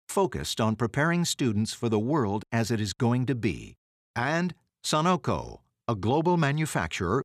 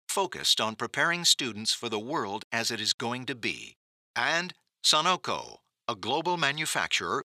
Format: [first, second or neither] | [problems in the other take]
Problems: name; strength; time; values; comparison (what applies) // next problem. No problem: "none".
first | thin; somewhat; fading below 1 kHz